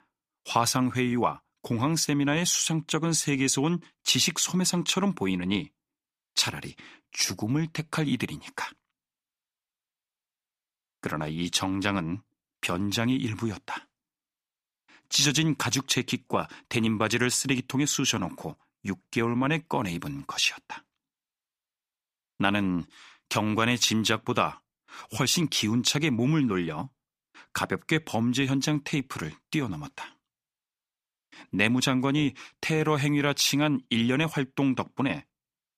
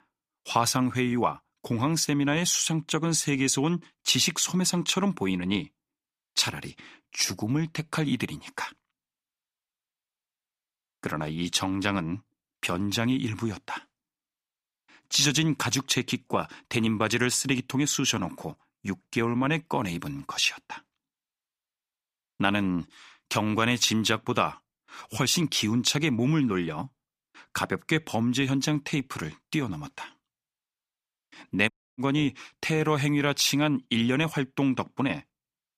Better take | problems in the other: first | audio cutting out; at 32 s

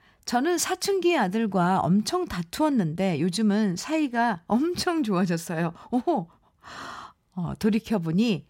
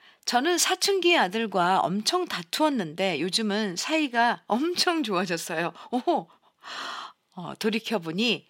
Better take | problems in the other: first | thin; somewhat; fading below 300 Hz

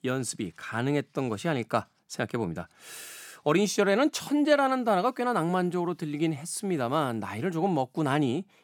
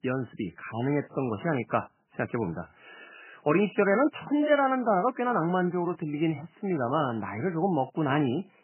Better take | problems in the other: first | garbled, watery; badly; nothing above 3 kHz

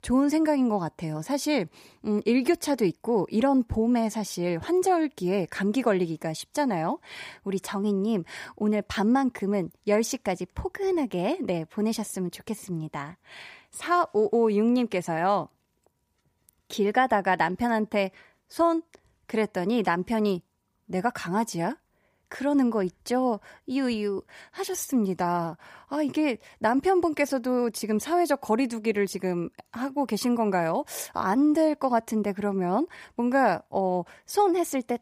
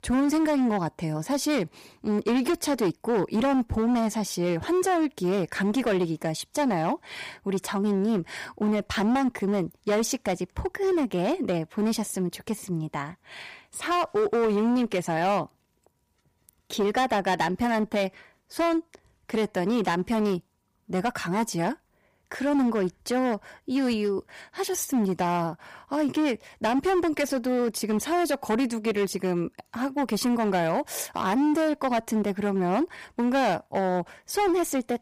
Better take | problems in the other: first | distortion; slight; 13% of the sound clipped

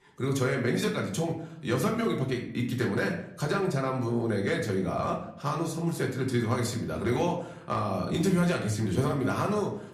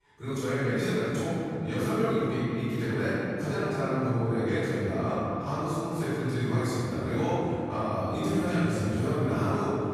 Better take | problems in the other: first | room echo; strong; dies away in 3 s; slight in the first // off-mic speech; far; somewhat distant in the first

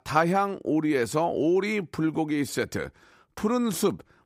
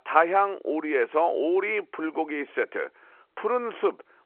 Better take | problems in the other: first | phone-call audio

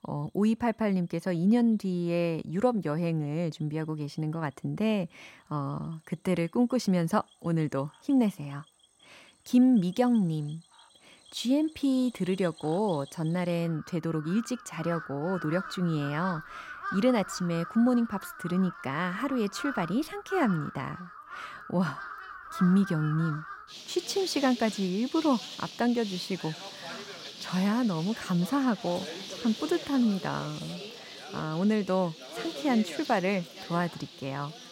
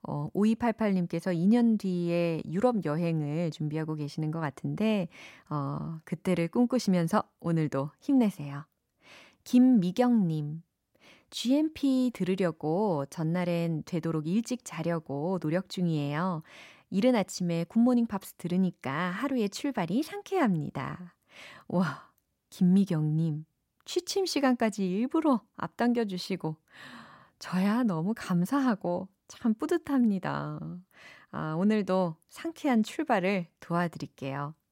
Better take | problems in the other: second | animal sounds; noticeable; throughout; 10 dB below the speech

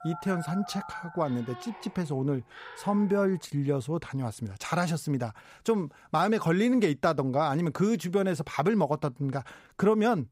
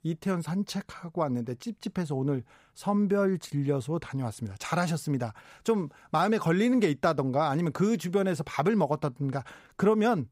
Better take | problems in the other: second | phone ringing; faint; until 3.5 s; peak 10 dB below the speech

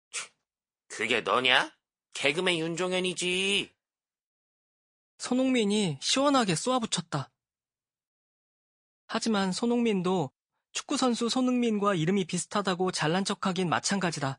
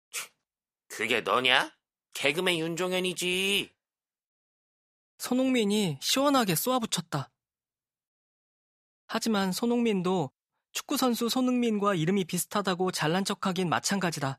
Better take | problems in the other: second | garbled, watery; slightly

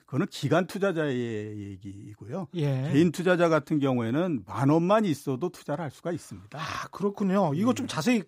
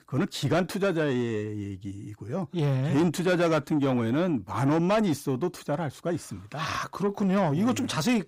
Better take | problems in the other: first | distortion; slight; 10 dB below the speech

